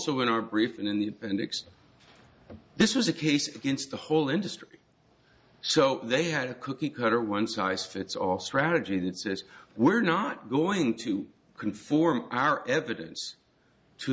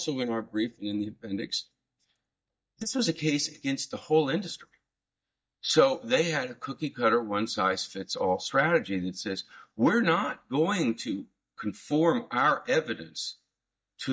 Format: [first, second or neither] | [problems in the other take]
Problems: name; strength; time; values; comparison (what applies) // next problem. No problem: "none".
first | noise reduction (neural mask model DeepFilterNet 3)